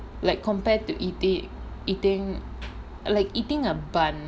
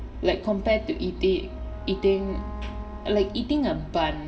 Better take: first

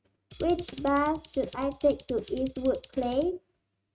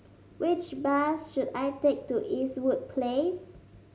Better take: second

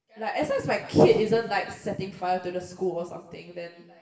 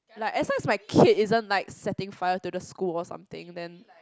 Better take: second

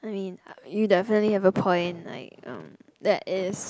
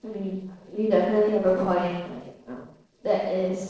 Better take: first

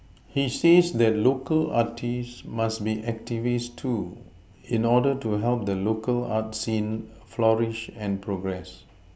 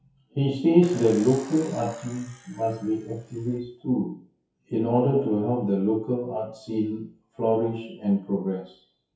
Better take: first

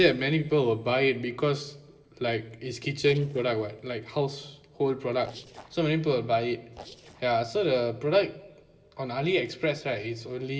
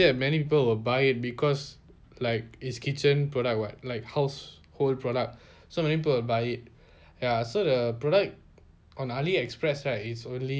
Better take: second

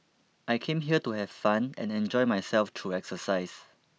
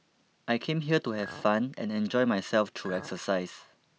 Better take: first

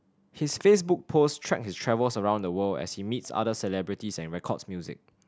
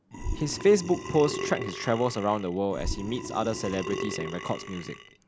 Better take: first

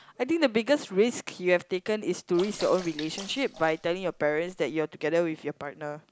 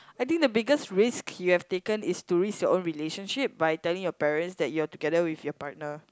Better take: second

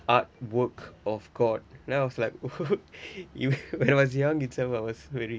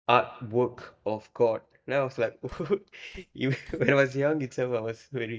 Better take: first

